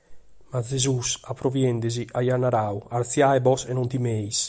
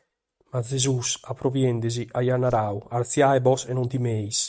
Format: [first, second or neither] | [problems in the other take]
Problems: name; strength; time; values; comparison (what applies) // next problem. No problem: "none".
first | noise reduction (neural mask model RNNoise)